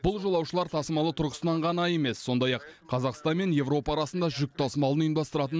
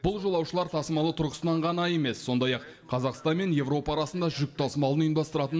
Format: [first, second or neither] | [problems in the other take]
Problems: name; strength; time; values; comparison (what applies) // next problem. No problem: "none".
first | room echo; dies away in 1.2 s